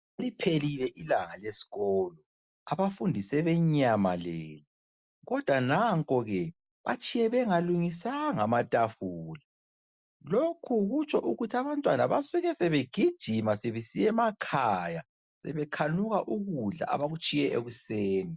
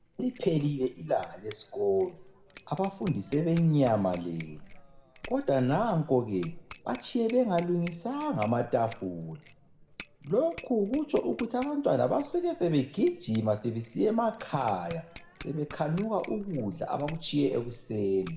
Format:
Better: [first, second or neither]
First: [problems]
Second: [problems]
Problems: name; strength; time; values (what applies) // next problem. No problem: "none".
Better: first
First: none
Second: background sound (Bicycle bell); 20 dB below the speech // room echo; dies away in 0.8 s